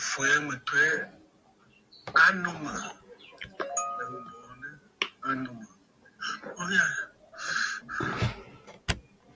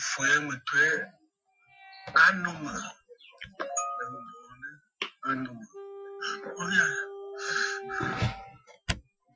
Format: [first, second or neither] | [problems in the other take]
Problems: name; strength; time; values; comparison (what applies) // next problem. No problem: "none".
first | noise reduction (classical method Wiener filter)